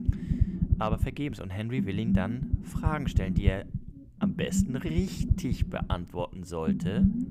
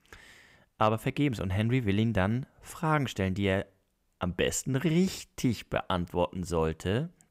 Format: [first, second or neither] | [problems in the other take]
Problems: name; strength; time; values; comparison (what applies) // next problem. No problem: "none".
second | low rumble; loud; throughout; 3 dB below the speech